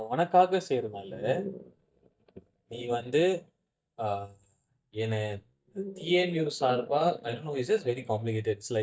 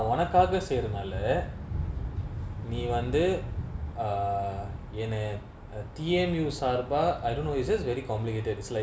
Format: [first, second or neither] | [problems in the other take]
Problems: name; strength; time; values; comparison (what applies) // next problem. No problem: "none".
second | noise reduction (neural mask model DeepFilterNet 3)